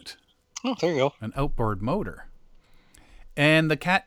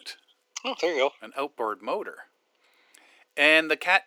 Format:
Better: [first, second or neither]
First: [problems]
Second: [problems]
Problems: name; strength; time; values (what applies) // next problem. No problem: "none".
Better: first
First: none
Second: thin; very; fading below 350 Hz